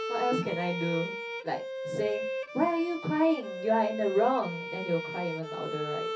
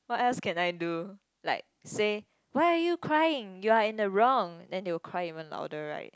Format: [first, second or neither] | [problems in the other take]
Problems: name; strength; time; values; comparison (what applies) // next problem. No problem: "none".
second | background sound (Bowed string instrument); 6 dB below the speech // room echo; dies away in 0.3 s